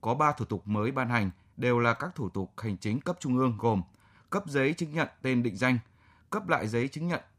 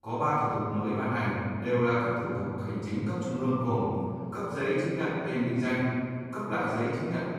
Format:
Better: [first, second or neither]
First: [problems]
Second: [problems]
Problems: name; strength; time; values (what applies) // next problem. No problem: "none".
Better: first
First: none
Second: room echo; strong; dies away in 2.3 s // off-mic speech; far